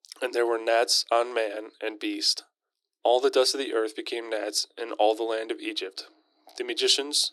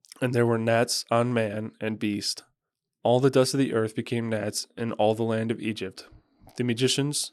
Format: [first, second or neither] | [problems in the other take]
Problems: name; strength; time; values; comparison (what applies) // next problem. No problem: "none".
second | thin; very; fading below 300 Hz